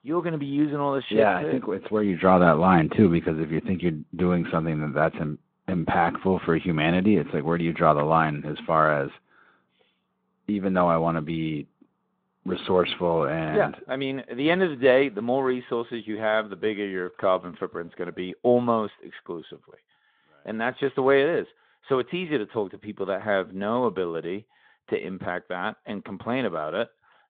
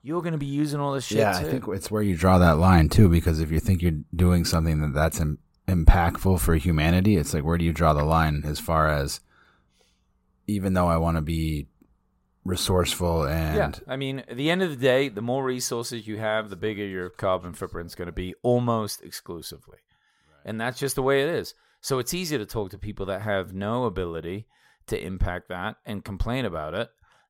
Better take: second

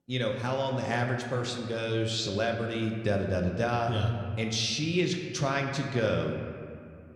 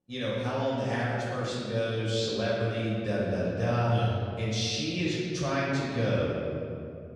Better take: first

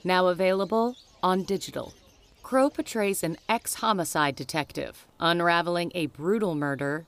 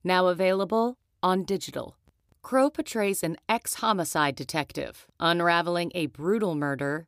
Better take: second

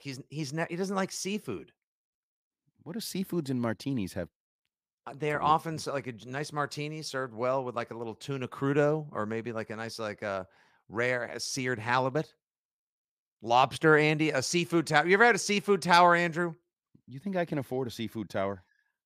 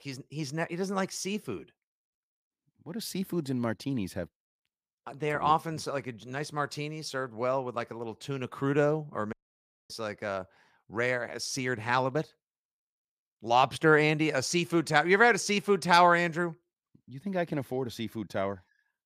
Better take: first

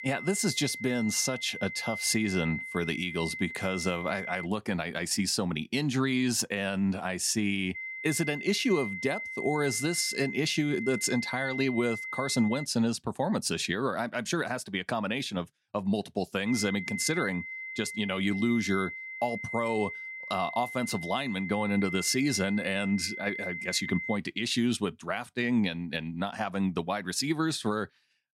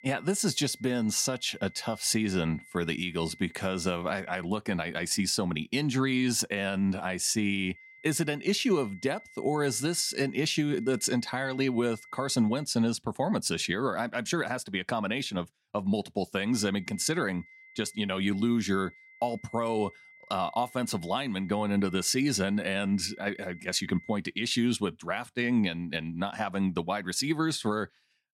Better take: second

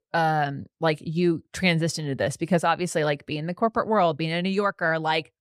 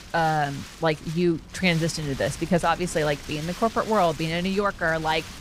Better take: first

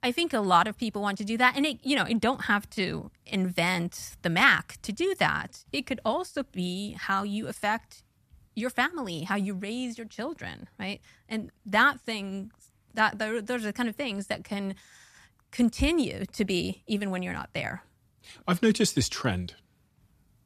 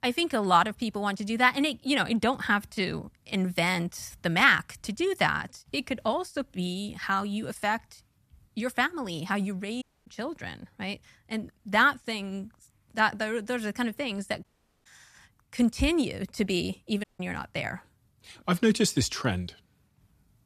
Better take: first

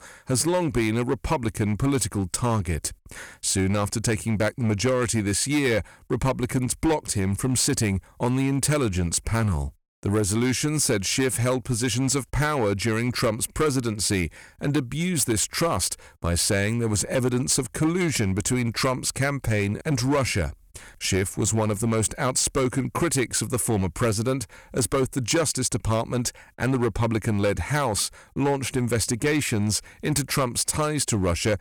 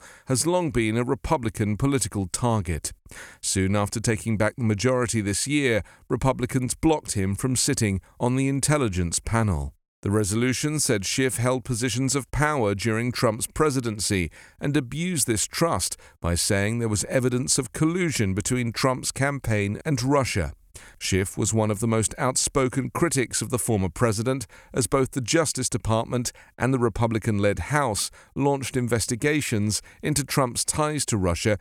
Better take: second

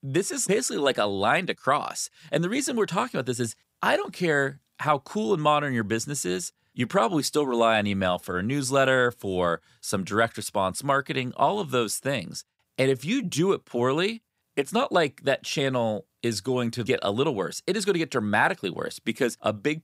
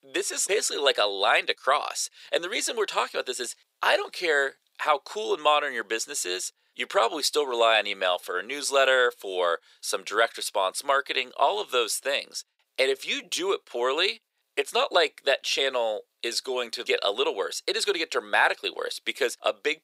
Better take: first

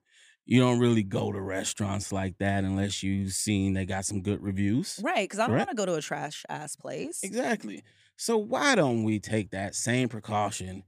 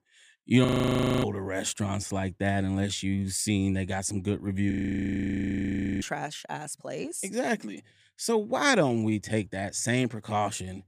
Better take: first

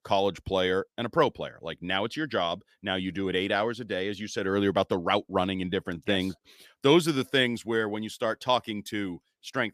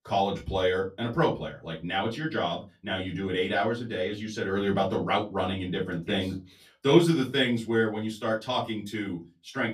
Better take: first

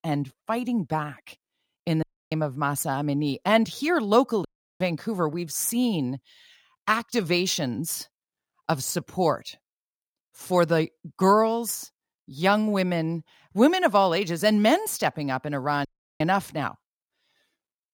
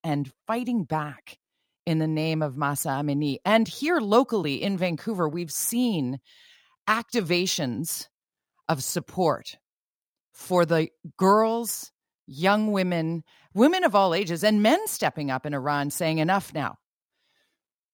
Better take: second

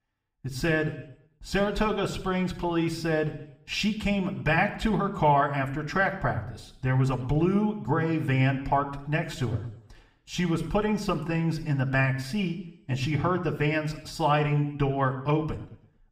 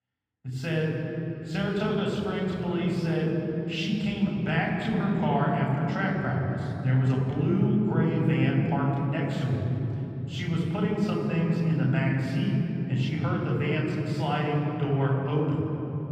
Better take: first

